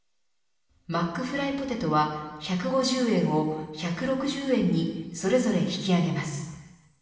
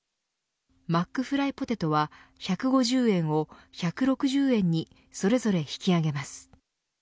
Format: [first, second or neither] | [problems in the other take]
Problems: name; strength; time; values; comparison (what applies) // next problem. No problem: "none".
second | room echo; dies away in 1.3 s